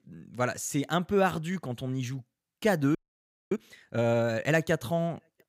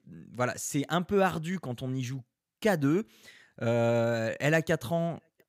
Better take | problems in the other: second | audio freezing; at 3 s for 0.5 s

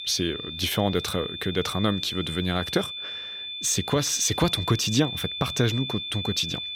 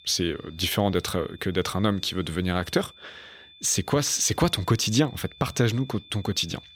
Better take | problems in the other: second | high-pitched whine; loud; throughout; 3.5 kHz, 6 dB below the speech; faint in the second

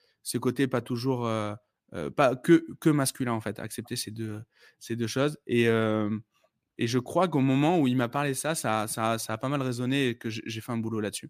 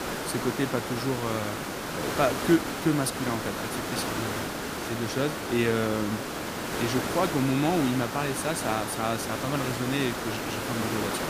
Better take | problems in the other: first | hiss; loud; throughout; 2 dB below the speech

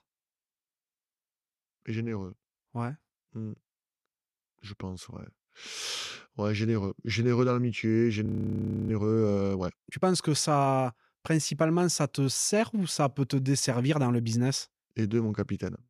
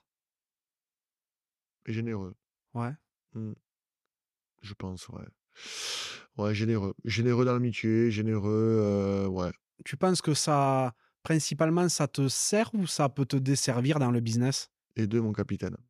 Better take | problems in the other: second | audio freezing; at 8.5 s for 0.5 s

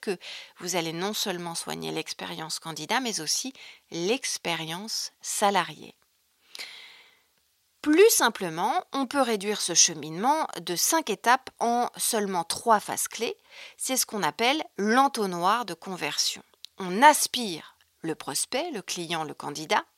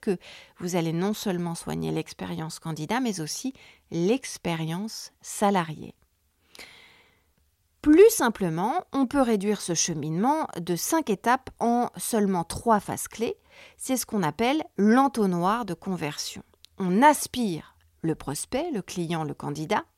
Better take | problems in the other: second | thin; somewhat; fading below 750 Hz

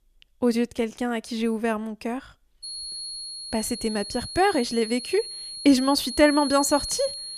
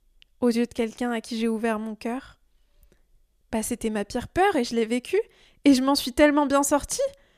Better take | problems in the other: second | high-pitched whine; loud; from 2.5 s on; 4.5 kHz, 8 dB below the speech

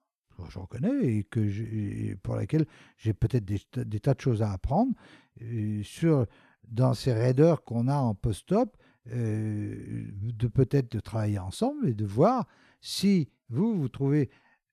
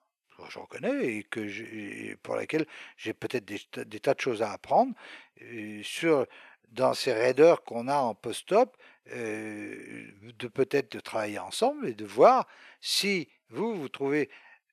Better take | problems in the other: first | thin; very; fading below 500 Hz

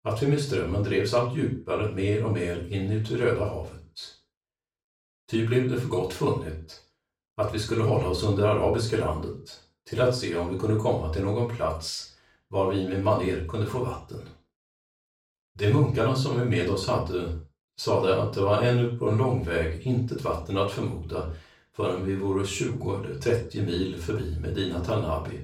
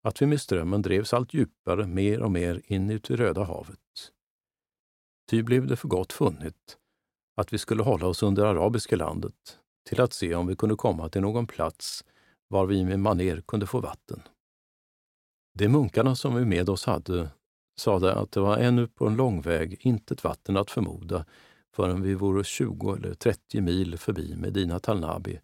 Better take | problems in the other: second | room echo; noticeable; dies away in 0.3 s // off-mic speech; far

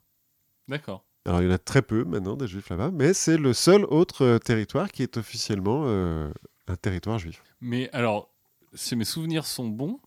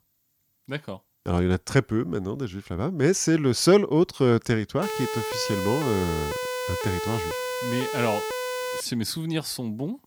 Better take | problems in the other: first | siren; noticeable; from 5 to 9 s; peak 4 dB below the speech

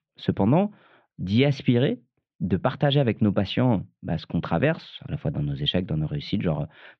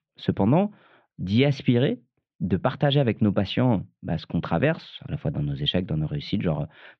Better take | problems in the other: neither | muffled; slightly; fading above 4 kHz; the same in both

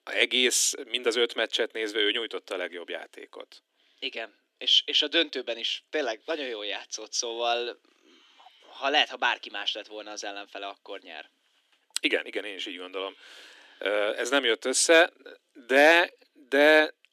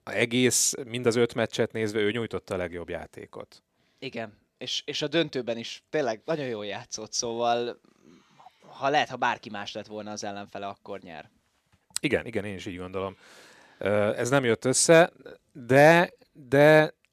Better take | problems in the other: second | thin; very slightly; fading below 300 Hz

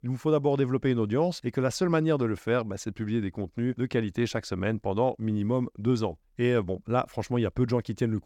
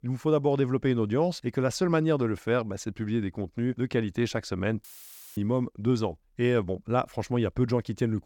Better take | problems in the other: first | audio cutting out; filled with static; at 5 s for 0.5 s

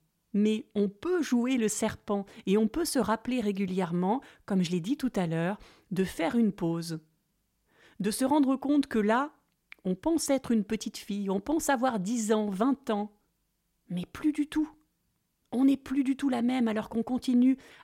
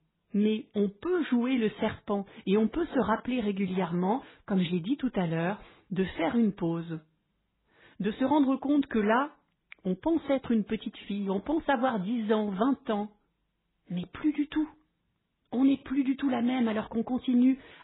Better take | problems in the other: first | garbled, watery; badly; nothing above 4 kHz

